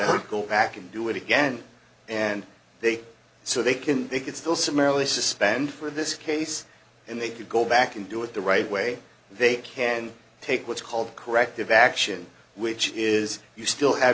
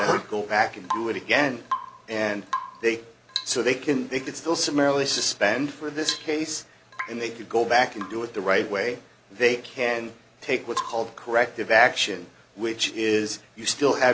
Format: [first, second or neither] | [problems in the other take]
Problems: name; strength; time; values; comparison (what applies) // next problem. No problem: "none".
first | background sound (Drip / Water tap, faucet / Rain); 14 dB below the speech